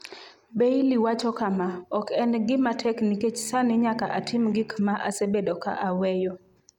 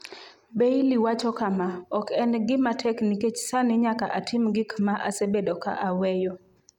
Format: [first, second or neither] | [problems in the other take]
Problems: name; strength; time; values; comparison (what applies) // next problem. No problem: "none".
second | background sound (Wind instrument, woodwind instrument); 19 dB below the speech